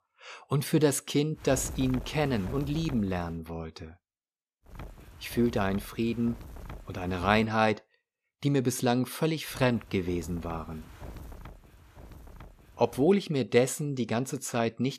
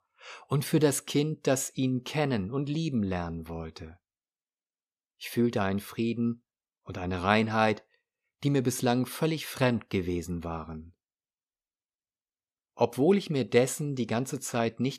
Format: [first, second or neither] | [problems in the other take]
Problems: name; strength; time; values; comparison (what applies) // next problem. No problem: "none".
second | wind noise on the microphone; occasional gusts; from 1.5 to 3.5 s, from 4.5 to 7.5 s and from 9.5 to 13 s; 20 dB below the speech